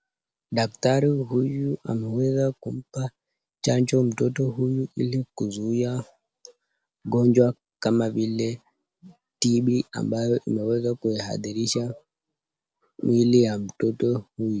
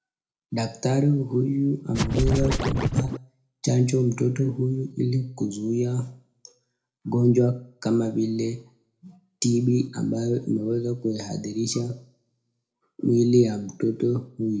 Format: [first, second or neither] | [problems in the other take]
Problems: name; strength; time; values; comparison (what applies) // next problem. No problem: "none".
first | background sound (Scratching (performance technique)); 1 dB above the speech // room echo; dies away in 0.3 s